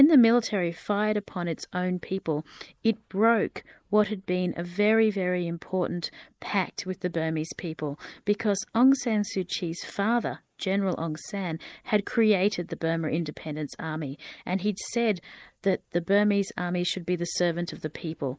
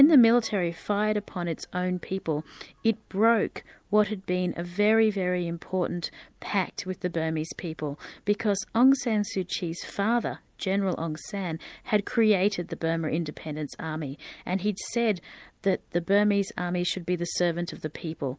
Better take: second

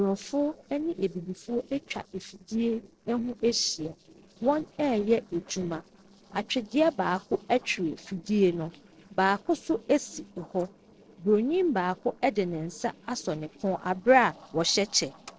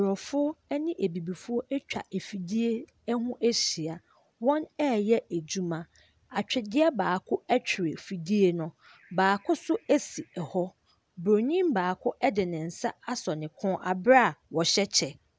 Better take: second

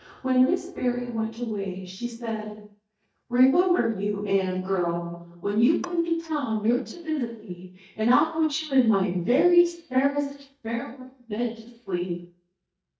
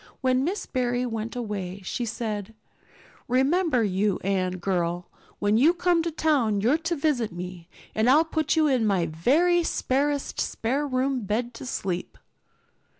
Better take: second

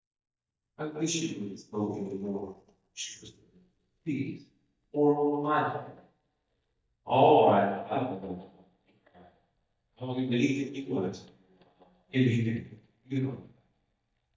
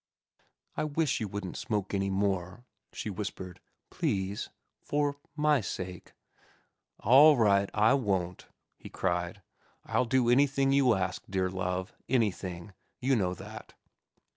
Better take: second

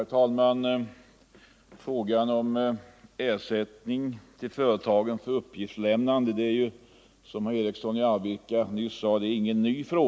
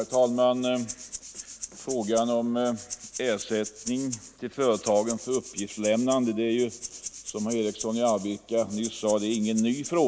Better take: first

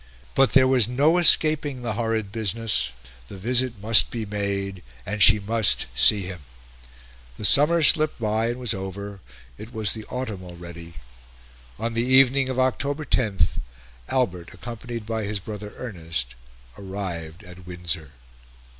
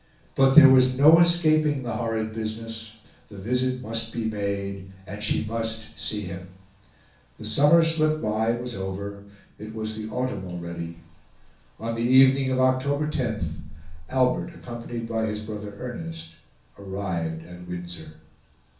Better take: first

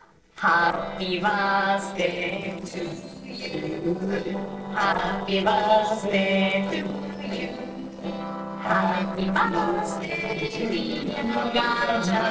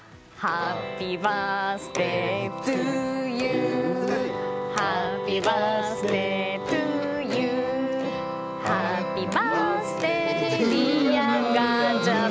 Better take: second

